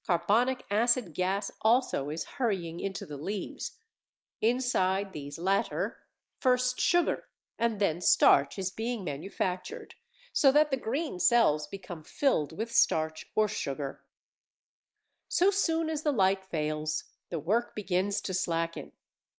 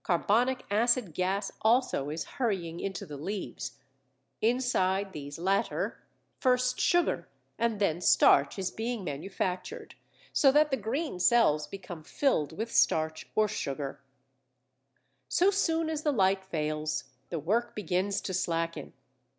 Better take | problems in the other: second | noise reduction (neural mask model Resemble Enhance denoiser)

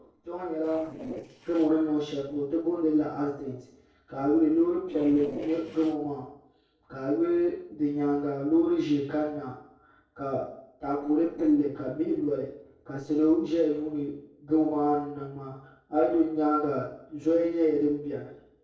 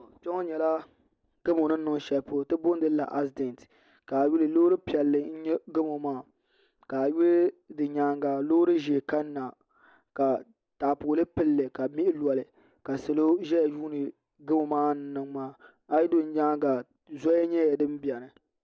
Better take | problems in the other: second | noise reduction (neural separator model SepFormer DNS4)

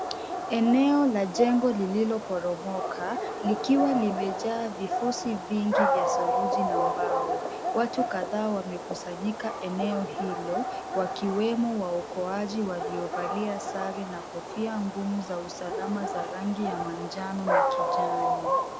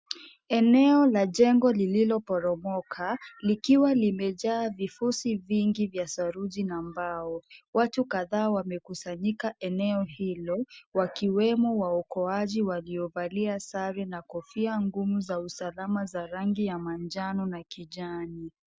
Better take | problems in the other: second | background sound (Dog); 2 dB below the speech

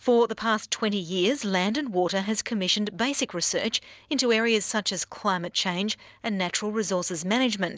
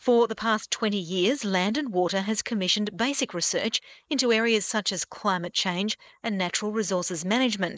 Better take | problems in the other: first | noise reduction (neural mask model Resemble Enhance denoiser)

